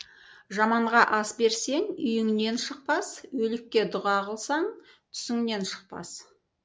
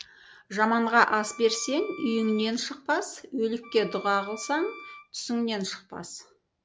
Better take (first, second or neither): first